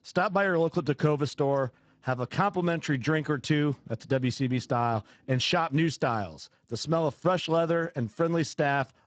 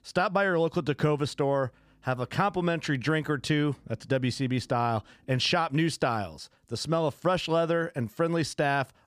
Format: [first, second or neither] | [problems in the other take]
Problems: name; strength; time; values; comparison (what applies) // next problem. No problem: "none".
second | garbled, watery; badly; nothing above 7.5 kHz